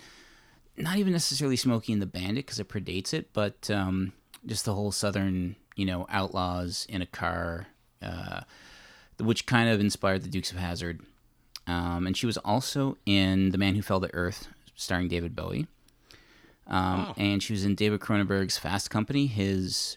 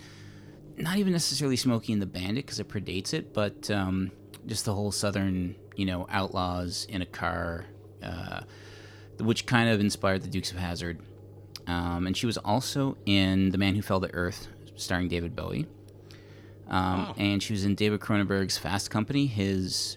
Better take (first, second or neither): first